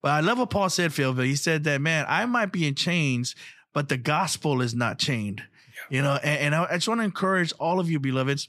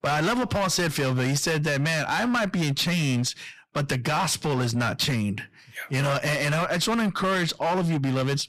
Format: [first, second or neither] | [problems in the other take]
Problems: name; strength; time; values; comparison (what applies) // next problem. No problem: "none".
first | distortion; heavy; 21% of the sound clipped